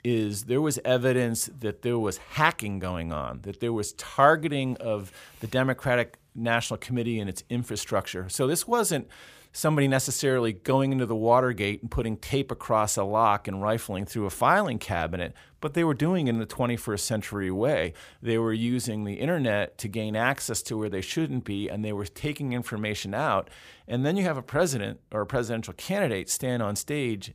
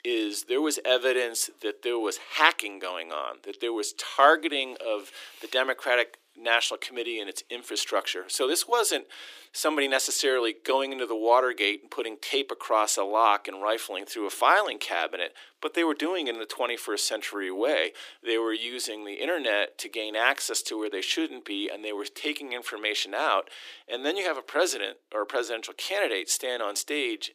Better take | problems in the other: first | thin; very; fading below 300 Hz

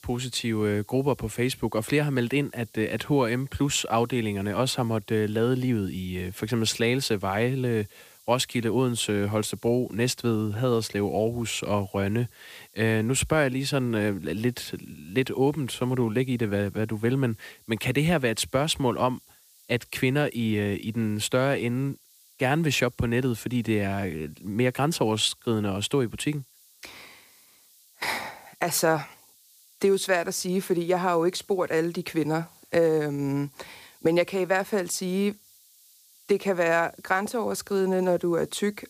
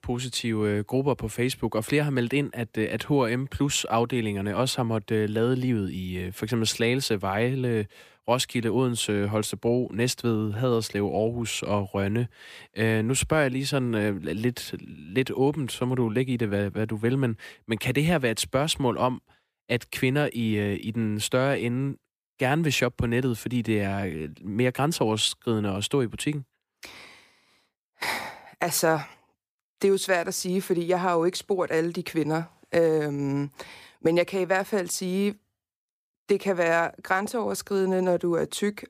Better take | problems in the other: second | hiss; faint; throughout; 25 dB below the speech

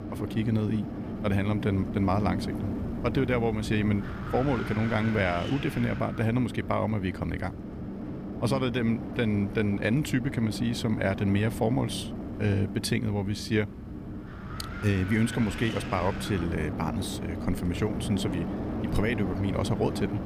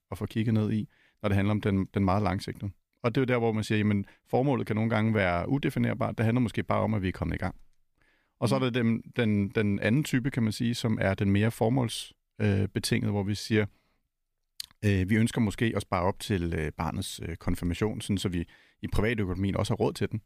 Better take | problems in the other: second | wind noise on the microphone; heavy; 8 dB below the speech

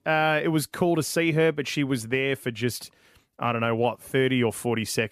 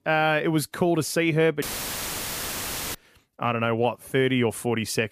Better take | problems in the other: first | audio cutting out; filled with static; at 1.5 s for 1.5 s

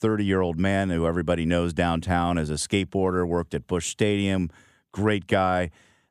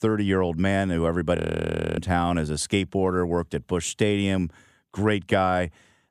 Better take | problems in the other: first | audio freezing; at 1.5 s for 0.5 s

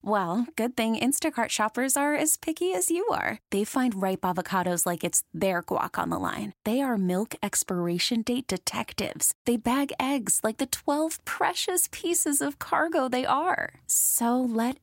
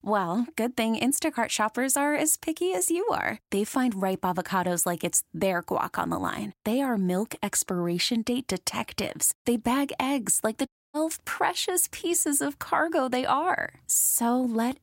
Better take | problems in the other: first | audio cutting out; at 11 s

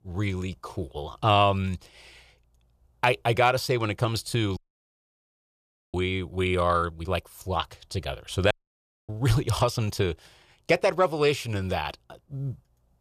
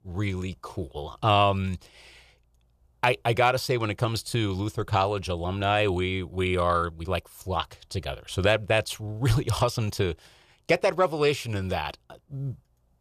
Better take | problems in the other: second | audio cutting out; at 4.5 s for 1.5 s and at 8.5 s for 0.5 s

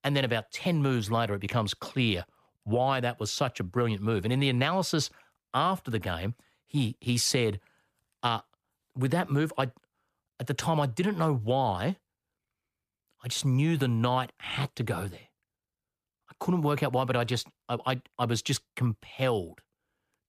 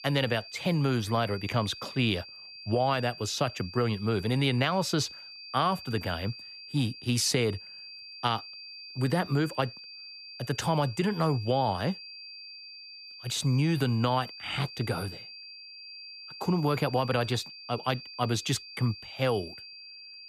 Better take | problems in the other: first | high-pitched whine; noticeable; throughout; 4.5 kHz, 15 dB below the speech

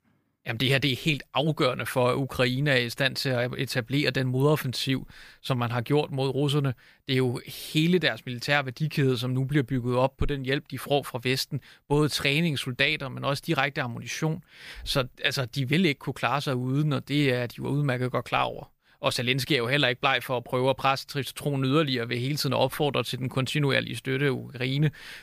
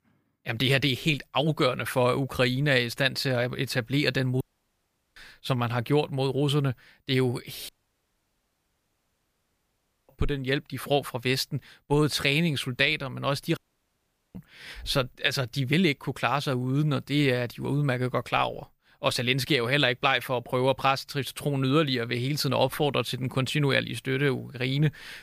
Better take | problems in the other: first | audio cutting out; at 4.5 s for 1 s, at 7.5 s for 2.5 s and at 14 s for 1 s

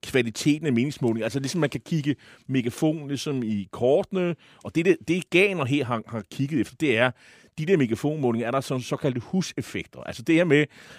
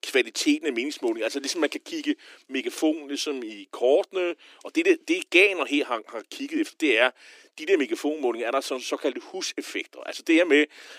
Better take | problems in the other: first | thin; very slightly; fading below 300 Hz

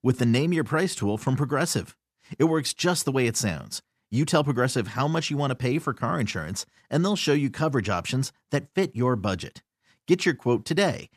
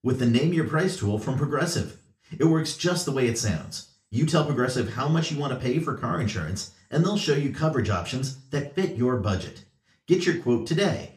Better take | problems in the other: first | room echo; very slight; dies away in 0.4 s // off-mic speech; somewhat distant

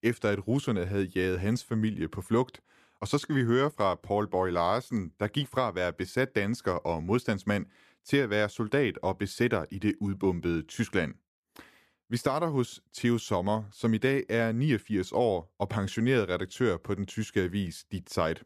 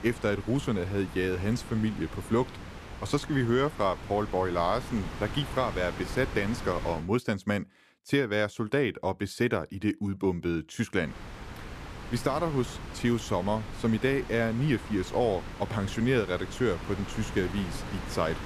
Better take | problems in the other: first | wind noise on the microphone; occasional gusts; until 7 s and from 11 s on; 10 dB below the speech

